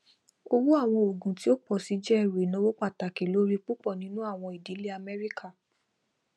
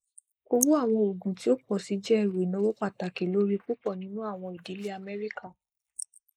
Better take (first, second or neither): first